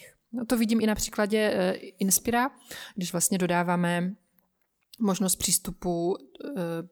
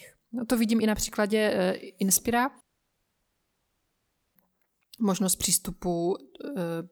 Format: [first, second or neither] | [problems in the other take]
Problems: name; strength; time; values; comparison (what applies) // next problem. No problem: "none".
first | audio cutting out; at 2.5 s for 1.5 s